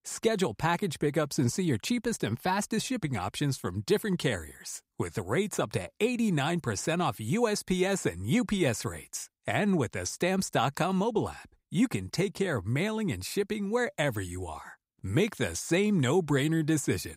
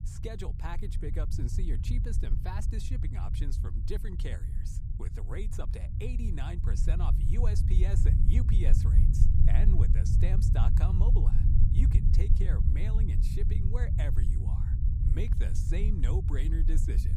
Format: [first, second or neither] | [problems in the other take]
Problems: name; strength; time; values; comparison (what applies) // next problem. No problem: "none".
first | low rumble; loud; throughout; 1 dB below the speech